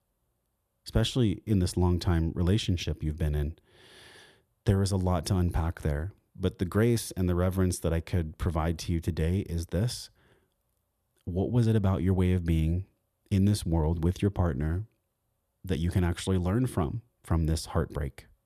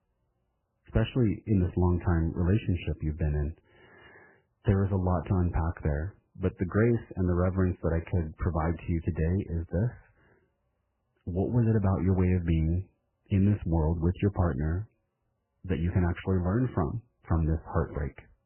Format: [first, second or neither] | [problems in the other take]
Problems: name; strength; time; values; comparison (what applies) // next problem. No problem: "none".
first | garbled, watery; badly; nothing above 3 kHz